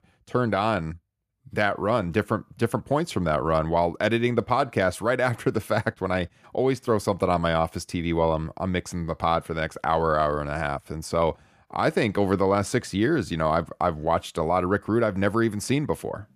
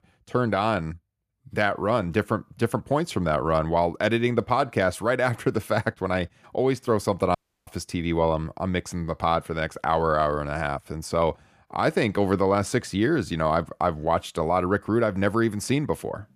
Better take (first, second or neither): first